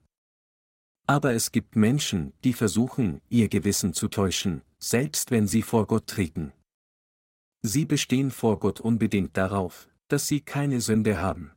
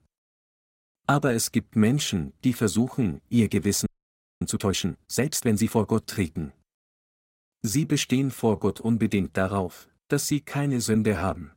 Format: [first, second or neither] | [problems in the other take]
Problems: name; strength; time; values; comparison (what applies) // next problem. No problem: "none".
first | audio freezing; at 4 s for 0.5 s